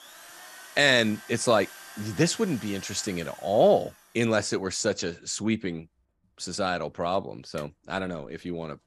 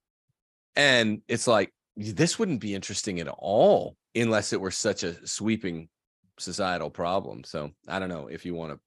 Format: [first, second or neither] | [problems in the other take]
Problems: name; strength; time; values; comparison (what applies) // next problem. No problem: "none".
second | machinery noise; noticeable; throughout; 20 dB below the speech